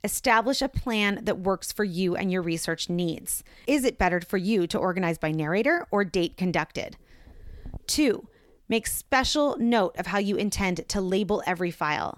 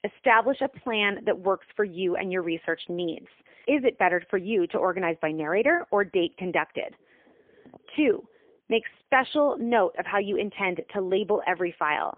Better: first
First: none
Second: phone-call audio; poor line

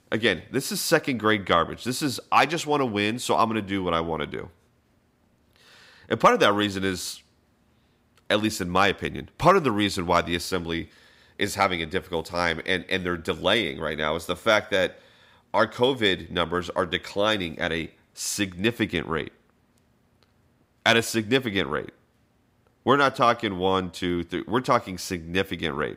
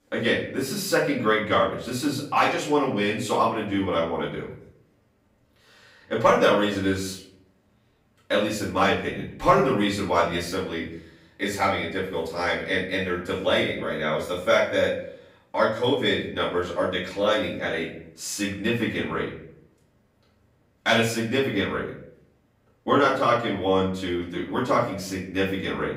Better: first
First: none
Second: room echo; noticeable; dies away in 0.6 s // off-mic speech; far

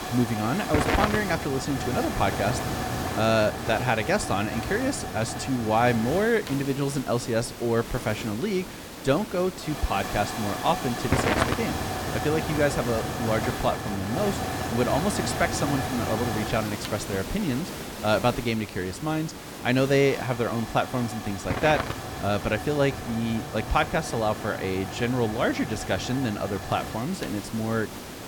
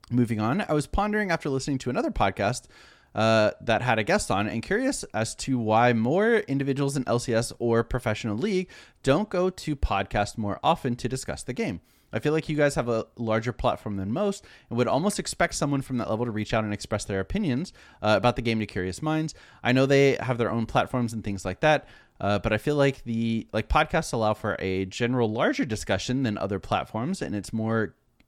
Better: second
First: hiss; loud; throughout; 5 dB below the speech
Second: none

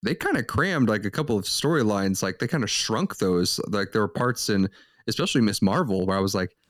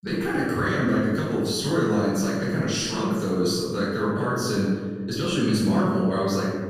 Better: first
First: none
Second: off-mic speech; far // room echo; strong; dies away in 1.4 s

